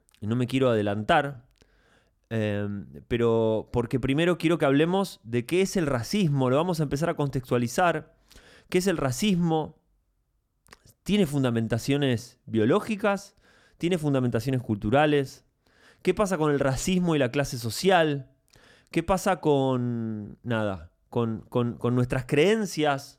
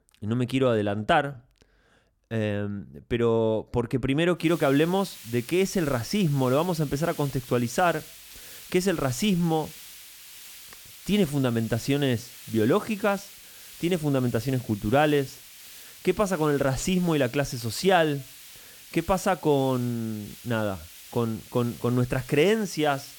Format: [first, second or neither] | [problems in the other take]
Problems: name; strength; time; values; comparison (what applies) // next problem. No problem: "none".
first | hiss; noticeable; from 4.5 s on; 15 dB below the speech